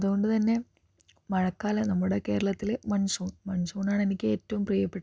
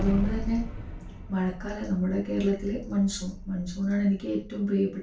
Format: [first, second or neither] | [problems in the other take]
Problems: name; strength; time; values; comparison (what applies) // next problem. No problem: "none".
first | background sound (Explosion); 8 dB below the speech // room echo; dies away in 0.3 s